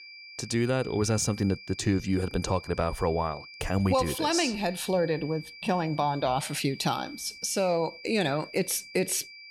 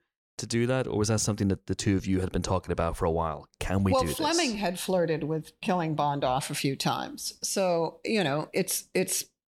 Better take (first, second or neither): second